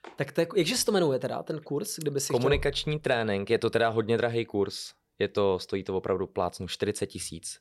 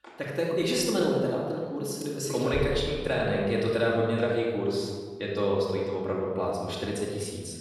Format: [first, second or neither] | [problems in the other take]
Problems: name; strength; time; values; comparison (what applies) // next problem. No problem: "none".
first | off-mic speech; far // room echo; noticeable; dies away in 1.5 s